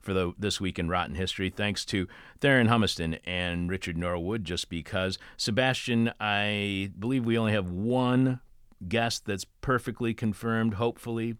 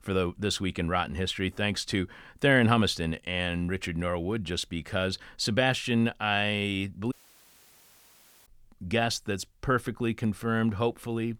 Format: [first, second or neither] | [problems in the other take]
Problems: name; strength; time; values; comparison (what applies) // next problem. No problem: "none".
first | audio cutting out; at 7 s for 1.5 s